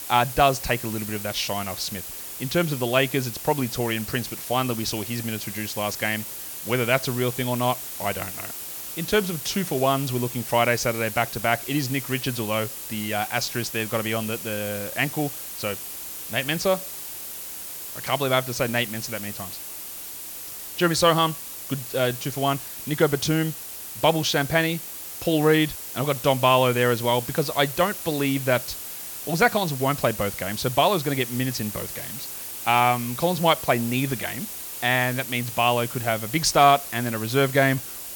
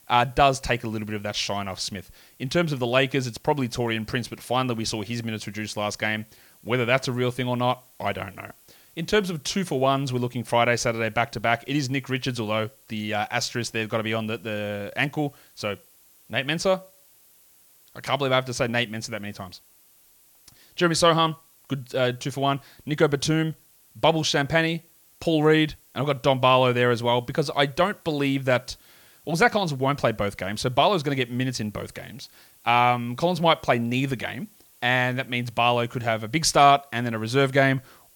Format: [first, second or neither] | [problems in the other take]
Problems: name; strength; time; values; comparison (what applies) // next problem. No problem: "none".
second | hiss; loud; throughout; 8 dB below the speech; faint in the second